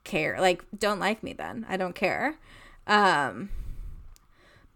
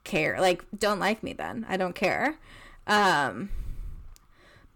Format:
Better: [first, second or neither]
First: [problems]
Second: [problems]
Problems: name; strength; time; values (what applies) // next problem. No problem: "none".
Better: first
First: none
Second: distortion; slight; 3% of the sound clipped